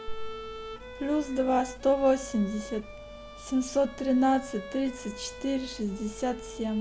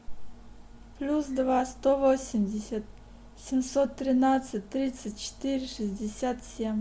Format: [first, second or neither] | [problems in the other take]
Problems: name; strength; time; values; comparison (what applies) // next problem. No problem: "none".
second | background sound (Bowed string instrument); 14 dB below the speech